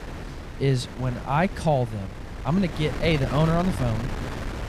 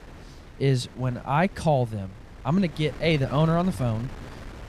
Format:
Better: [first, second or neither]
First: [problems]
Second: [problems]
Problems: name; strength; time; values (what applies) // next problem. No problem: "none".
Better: second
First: wind noise on the microphone; heavy; 10 dB below the speech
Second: wind noise on the microphone; occasional gusts; 20 dB below the speech